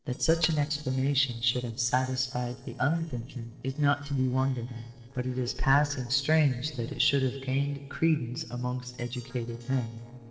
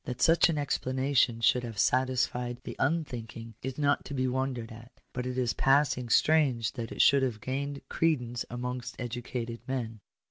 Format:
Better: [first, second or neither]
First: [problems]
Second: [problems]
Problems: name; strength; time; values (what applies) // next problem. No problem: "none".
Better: second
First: noise reduction (neural separator model SepFormer DNS4)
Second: none